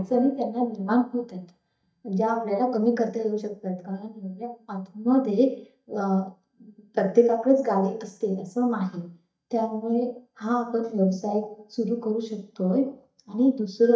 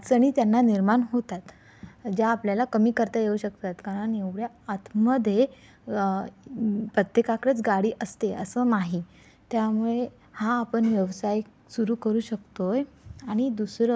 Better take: second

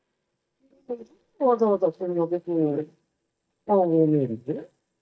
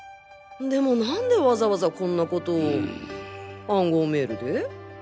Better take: second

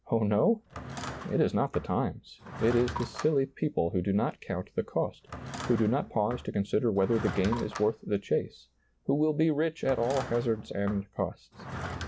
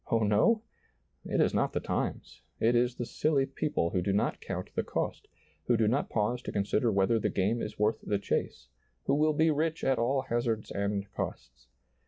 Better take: second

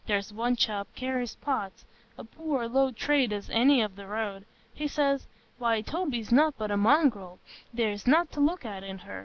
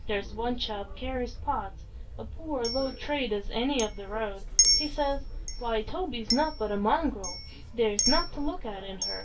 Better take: first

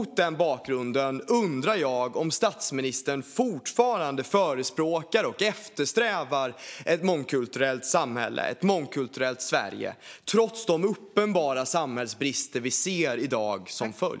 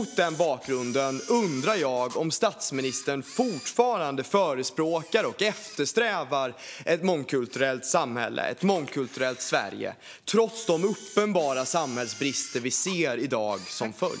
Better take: first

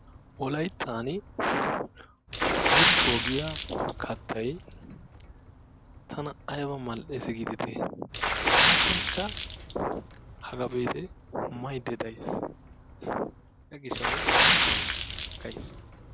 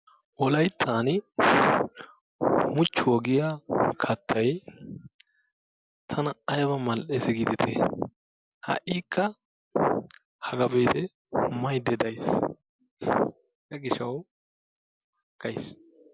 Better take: second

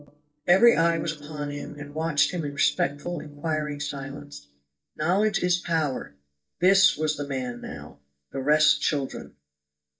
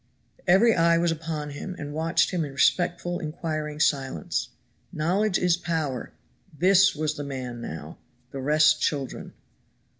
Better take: second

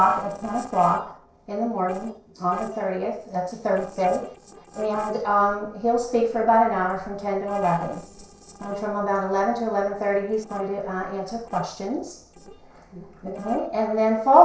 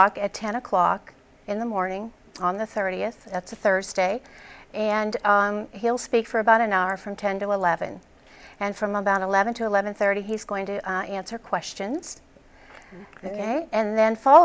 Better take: second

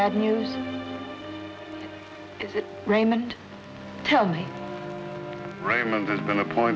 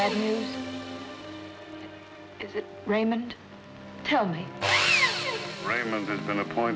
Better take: first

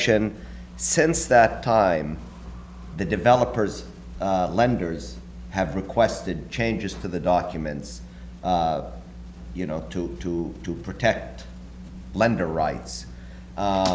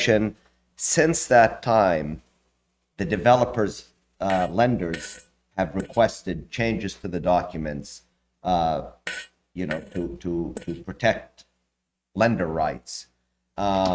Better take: first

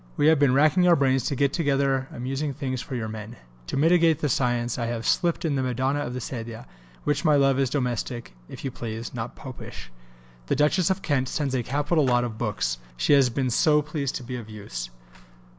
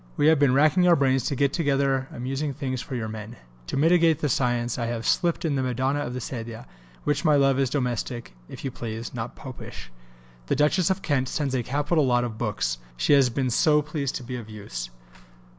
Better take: second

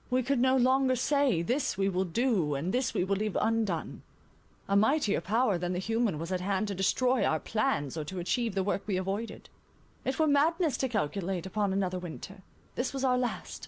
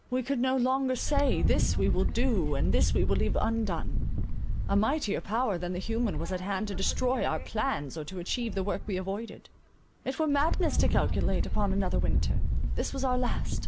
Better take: first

